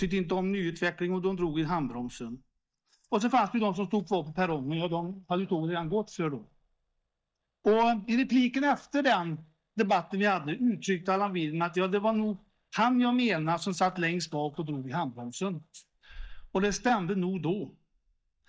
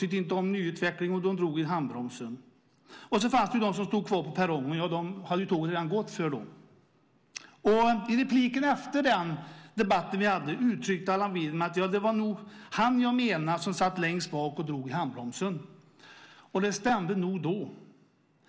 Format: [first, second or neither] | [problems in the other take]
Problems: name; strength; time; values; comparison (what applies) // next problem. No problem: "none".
second | noise reduction (neural mask model DeepFilterNet 3)